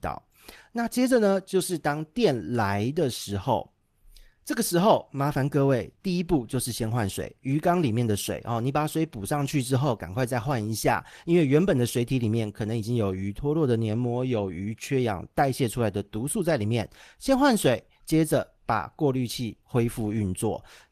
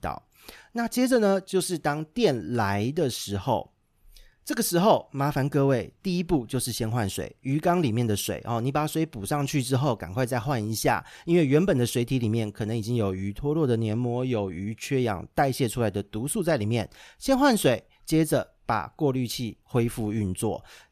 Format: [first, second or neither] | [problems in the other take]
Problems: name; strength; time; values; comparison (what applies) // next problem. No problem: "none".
second | garbled, watery; slightly; nothing above 14 kHz